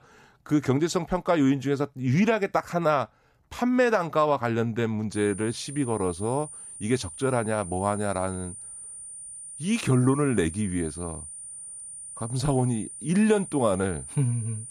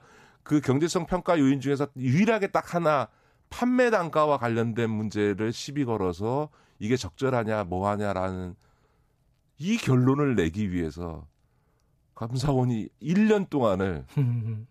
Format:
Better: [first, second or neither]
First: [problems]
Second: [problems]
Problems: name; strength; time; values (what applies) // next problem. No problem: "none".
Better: second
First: high-pitched whine; noticeable; from 5 s on; 9 kHz, 10 dB below the speech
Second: none